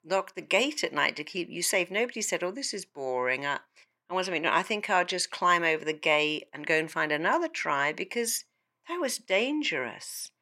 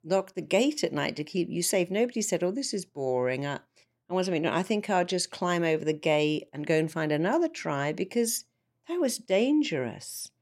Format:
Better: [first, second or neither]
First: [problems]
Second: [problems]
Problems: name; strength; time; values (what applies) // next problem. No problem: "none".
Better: second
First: thin; somewhat; fading below 1 kHz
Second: none